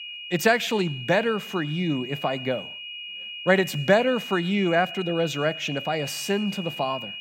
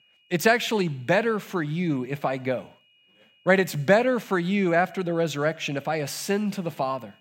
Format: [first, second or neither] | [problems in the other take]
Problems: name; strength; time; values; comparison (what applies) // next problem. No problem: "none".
second | high-pitched whine; loud; throughout; 3 kHz, 9 dB below the speech; faint in the second